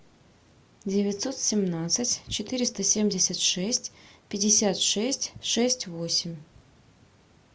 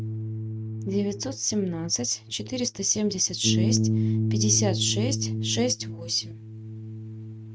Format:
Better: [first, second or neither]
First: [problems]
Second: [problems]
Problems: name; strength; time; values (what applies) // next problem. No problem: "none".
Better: first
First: none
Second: noise reduction (neural mask model RNNoise)